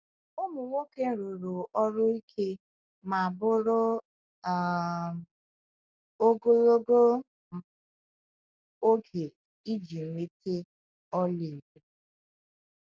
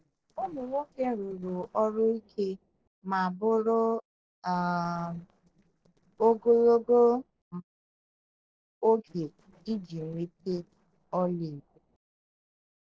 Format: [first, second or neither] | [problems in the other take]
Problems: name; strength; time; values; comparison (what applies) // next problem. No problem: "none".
first | noise reduction (neural separator model SepFormer DNS4)